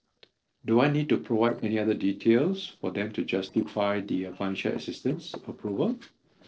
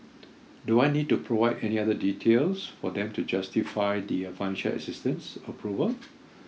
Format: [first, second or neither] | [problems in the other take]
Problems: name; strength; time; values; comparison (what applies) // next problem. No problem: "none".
second | noise reduction (neural separator model SepFormer DNS4)